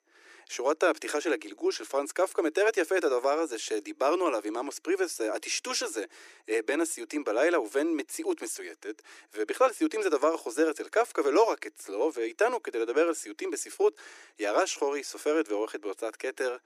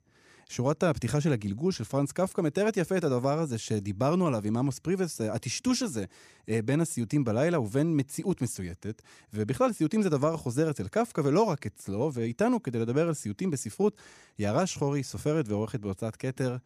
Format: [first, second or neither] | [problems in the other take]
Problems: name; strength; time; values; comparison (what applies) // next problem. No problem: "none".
second | thin; very; fading below 300 Hz